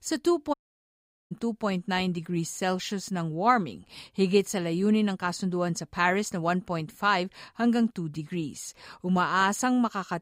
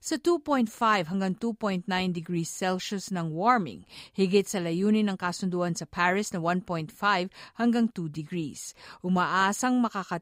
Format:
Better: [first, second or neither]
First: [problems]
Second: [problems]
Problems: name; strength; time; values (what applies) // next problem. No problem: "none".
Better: second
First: audio cutting out; at 0.5 s for 1 s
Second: none